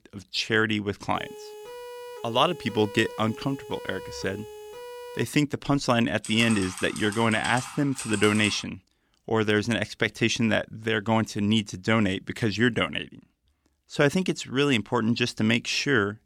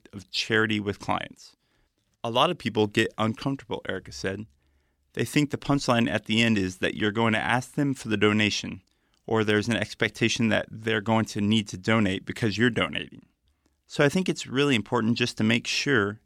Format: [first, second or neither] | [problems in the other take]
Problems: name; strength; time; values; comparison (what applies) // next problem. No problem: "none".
second | siren; faint; from 1 to 5.5 s; peak 15 dB below the speech // keyboard typing; noticeable; from 6 to 8.5 s; peak 8 dB below the speech